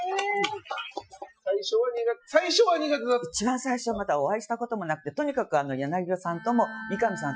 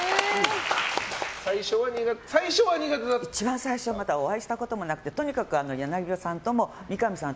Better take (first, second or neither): second